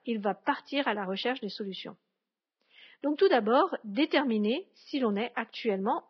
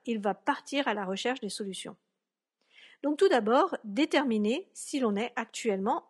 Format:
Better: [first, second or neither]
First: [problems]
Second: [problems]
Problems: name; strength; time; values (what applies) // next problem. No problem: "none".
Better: second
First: garbled, watery; badly; nothing above 5 kHz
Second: garbled, watery; slightly; nothing above 11 kHz